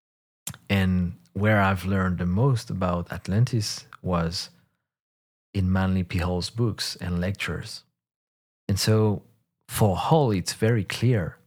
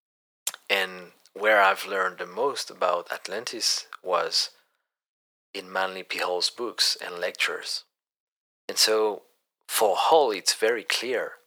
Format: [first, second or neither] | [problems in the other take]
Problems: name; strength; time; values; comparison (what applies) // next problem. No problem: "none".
first | thin; very; fading below 400 Hz